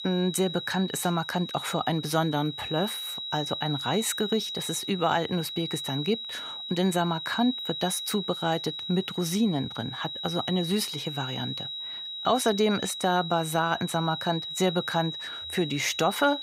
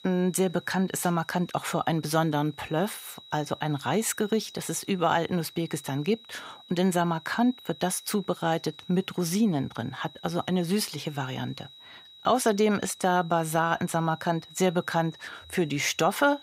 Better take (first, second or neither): second